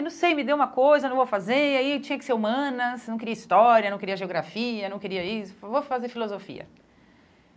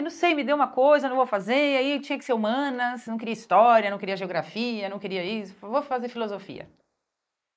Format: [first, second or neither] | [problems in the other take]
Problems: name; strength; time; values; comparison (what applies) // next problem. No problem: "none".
first | noise reduction (neural mask model Resemble Enhance denoiser)